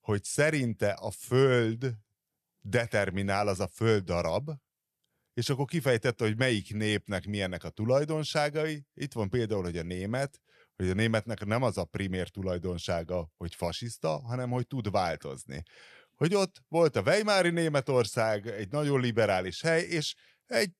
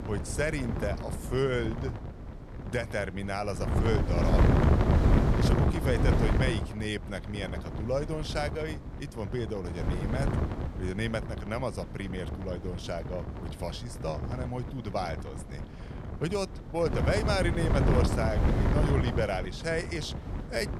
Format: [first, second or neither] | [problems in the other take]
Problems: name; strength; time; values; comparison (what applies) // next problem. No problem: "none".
first | wind noise on the microphone; heavy; 3 dB below the speech